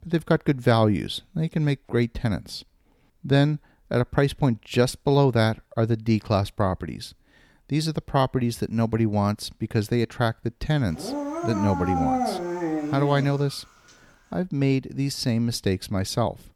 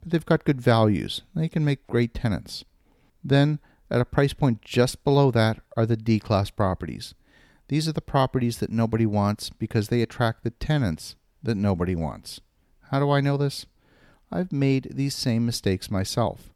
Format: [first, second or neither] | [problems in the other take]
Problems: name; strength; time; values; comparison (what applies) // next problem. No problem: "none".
second | dog barking; loud; from 11 to 13 s; peak level with the speech